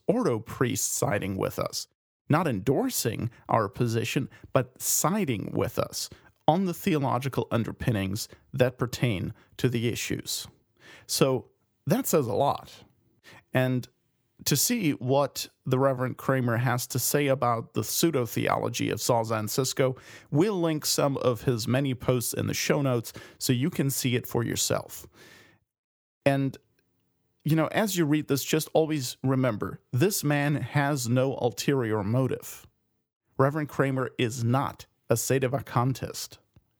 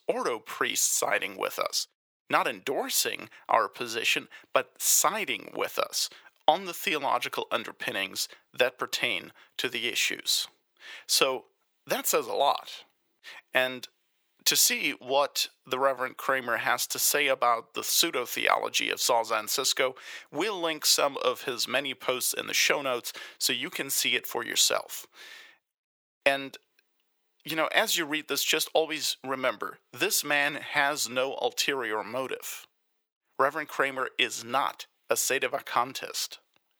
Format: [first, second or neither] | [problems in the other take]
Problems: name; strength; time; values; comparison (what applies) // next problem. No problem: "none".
first | thin; very; fading below 600 Hz